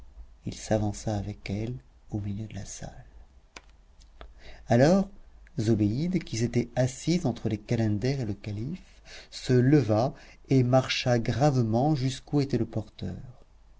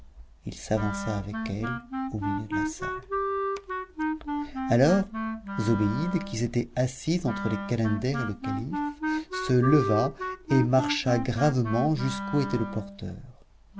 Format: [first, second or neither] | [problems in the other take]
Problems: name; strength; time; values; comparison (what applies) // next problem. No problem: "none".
first | background sound (Wind instrument, woodwind instrument); 5 dB below the speech